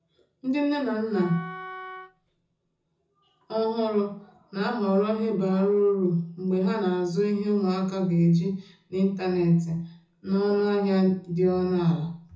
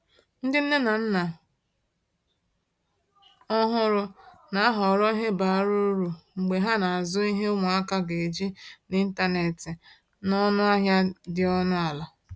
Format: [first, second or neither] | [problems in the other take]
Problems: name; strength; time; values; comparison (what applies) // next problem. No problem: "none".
second | background sound (Wind instrument, woodwind instrument); 16 dB below the speech // room echo; dies away in 0.5 s